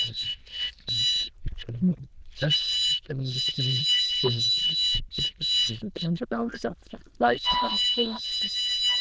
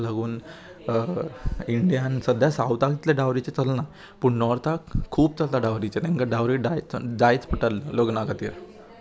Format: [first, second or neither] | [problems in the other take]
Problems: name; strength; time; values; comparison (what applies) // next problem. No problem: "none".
second | noise reduction (neural diffusion model UNIVERSE++)